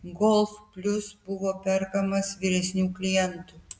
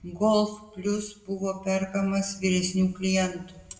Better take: first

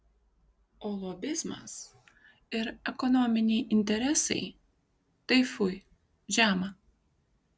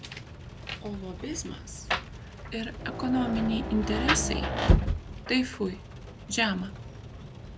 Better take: first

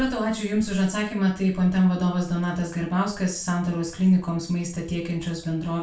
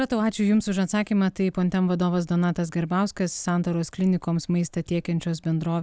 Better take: second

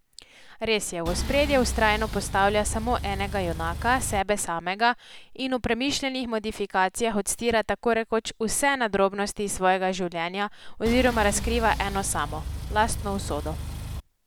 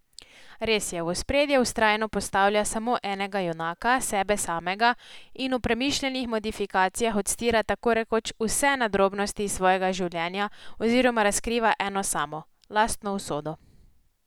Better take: second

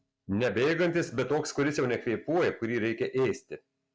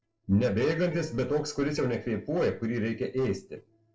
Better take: first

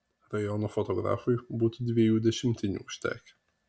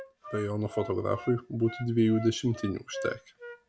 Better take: first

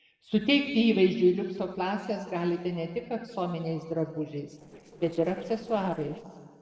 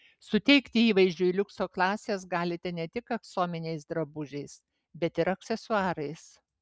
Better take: second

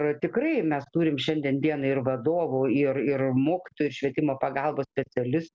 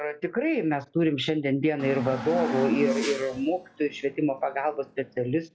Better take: first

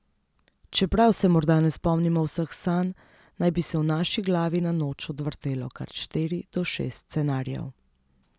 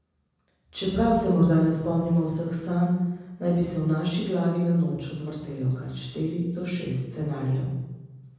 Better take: first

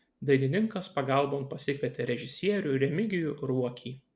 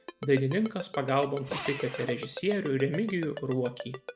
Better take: first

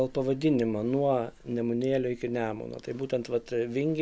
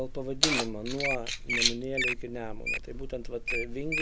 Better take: first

